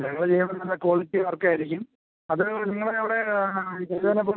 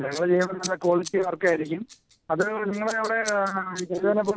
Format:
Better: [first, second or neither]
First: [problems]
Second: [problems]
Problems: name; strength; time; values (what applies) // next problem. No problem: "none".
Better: first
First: none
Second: background sound (Scissors); 18 dB below the speech